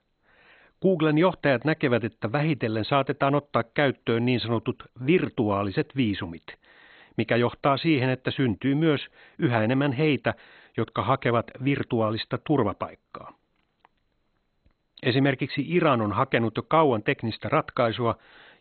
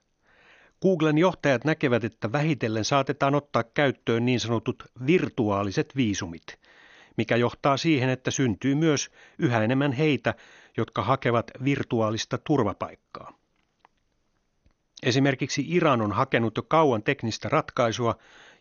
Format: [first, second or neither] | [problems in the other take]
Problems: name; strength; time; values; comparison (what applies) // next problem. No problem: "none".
second | garbled, watery; badly; nothing above 4 kHz; slightly in the second